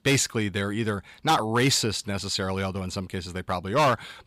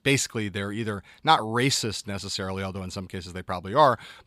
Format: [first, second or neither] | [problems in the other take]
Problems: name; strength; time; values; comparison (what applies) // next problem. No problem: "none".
second | distortion; heavy; 4% of the sound clipped